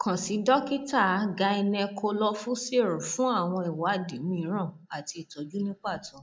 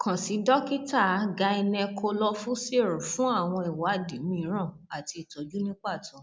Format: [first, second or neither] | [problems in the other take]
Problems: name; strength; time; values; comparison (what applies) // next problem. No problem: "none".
second | noise reduction (neural mask model Resemble Enhance denoiser)